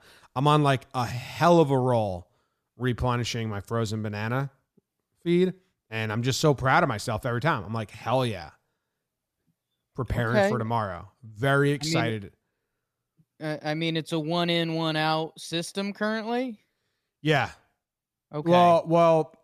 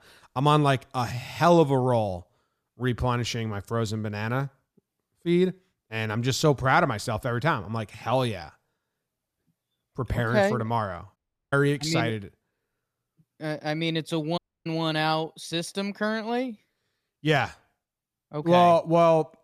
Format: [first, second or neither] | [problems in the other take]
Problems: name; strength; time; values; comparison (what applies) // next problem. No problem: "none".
first | audio cutting out; at 11 s and at 14 s